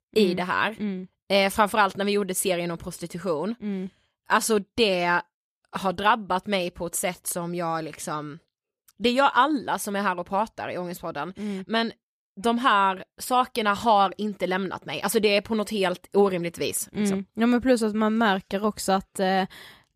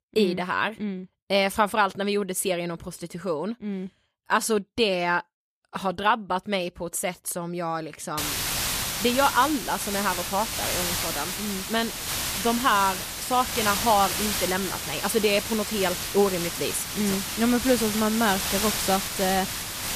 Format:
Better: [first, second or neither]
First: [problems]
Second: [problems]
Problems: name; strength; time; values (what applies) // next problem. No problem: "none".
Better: first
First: none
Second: hiss; loud; from 8 s on; 2 dB below the speech